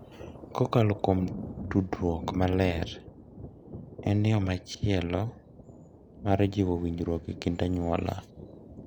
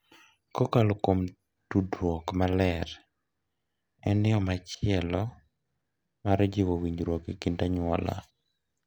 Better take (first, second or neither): second